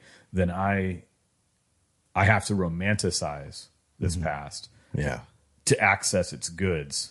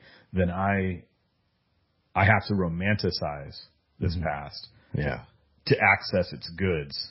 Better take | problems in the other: first | garbled, watery; badly; nothing above 5.5 kHz; slightly in the first

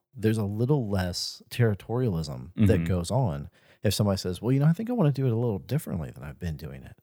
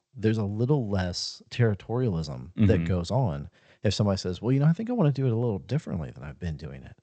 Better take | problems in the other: first | garbled, watery; slightly; nothing above 8 kHz

